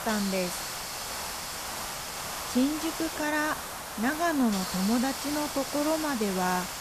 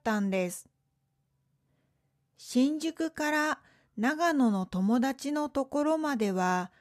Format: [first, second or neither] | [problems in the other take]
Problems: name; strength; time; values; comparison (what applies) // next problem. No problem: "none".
second | hiss; loud; throughout; 4 dB below the speech